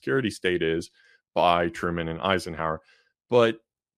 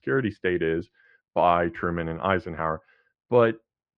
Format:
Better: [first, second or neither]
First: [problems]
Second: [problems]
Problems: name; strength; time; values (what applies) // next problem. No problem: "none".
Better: first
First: none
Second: muffled; very; fading above 1.5 kHz